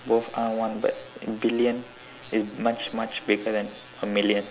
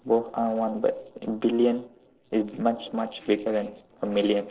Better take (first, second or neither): first